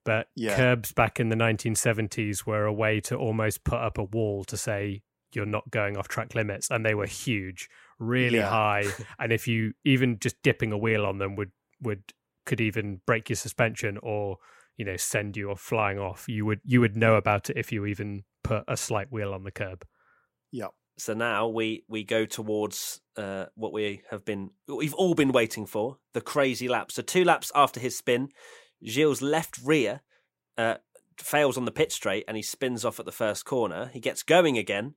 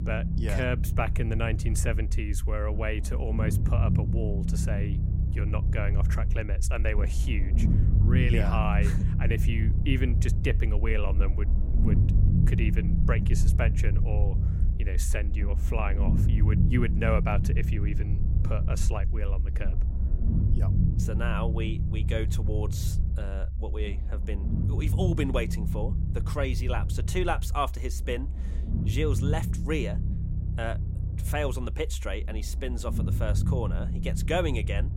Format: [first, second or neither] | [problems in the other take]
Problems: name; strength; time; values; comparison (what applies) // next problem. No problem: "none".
first | low rumble; loud; throughout; 7 dB below the speech